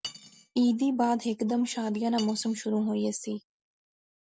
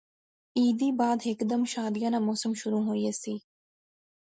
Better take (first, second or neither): second